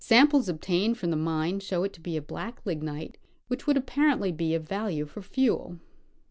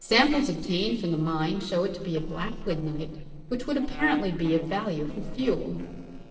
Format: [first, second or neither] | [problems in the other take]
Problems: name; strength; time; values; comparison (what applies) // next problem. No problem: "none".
first | noise reduction (neural separator model SepFormer DNS4)